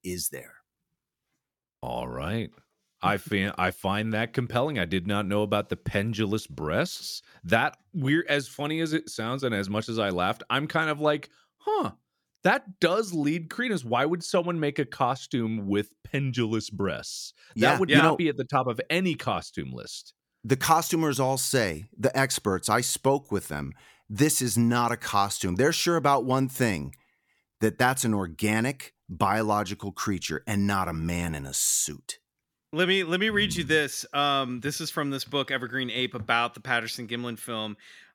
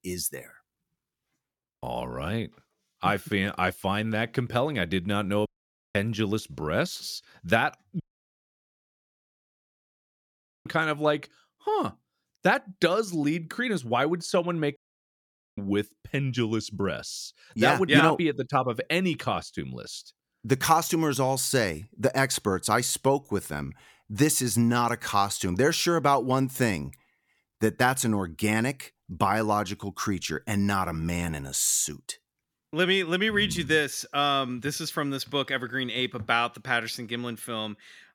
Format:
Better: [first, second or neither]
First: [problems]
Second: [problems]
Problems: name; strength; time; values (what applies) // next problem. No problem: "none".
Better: first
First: none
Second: audio cutting out; at 5.5 s, at 8 s for 2.5 s and at 15 s for 1 s